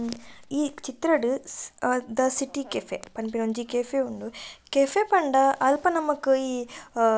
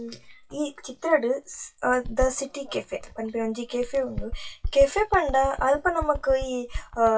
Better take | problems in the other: first | noise reduction (classical method WPE with log-MMSE)

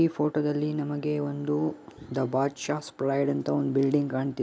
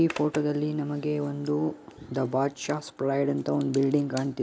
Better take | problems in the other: first | background sound (Zipper (clothing)); 20 dB below the speech

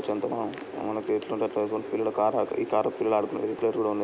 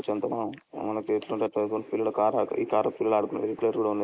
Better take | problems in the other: first | noise reduction (neural mask model Resemble Enhance denoiser)

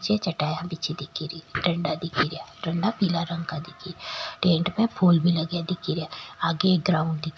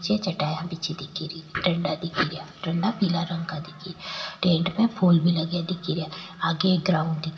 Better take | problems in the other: first | room echo; dies away in 2.9 s

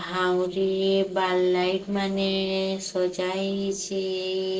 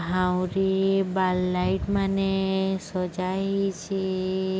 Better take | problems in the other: second | noise reduction (neural separator model SepFormer DNS4)

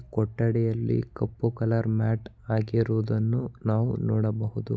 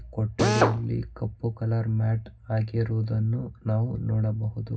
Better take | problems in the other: first | background sound (Drill); 1 dB above the speech // room echo; dies away in 0.4 s

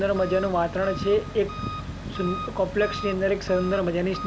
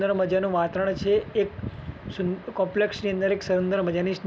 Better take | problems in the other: second | background sound (Engine); 10 dB below the speech

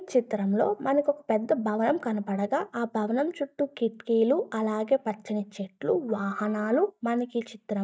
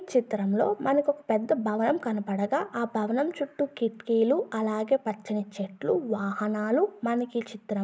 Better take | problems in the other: second | noise reduction (neural mask model DeepFilterNet 3)

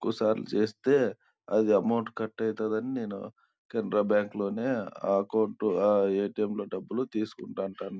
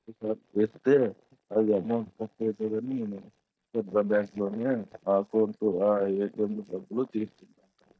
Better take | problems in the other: first | noise reduction (neural mask model DeepFilterNet 3)

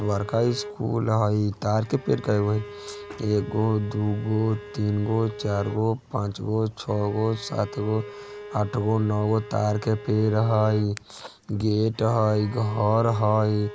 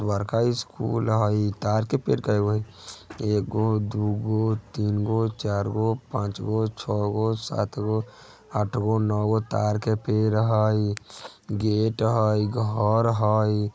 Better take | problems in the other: second | background sound (Bowed string instrument); 17 dB below the speech

